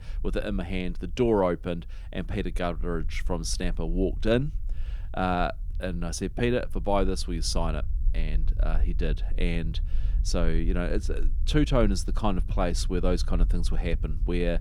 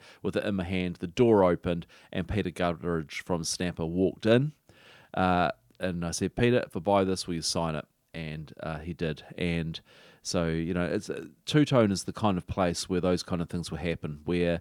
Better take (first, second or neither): second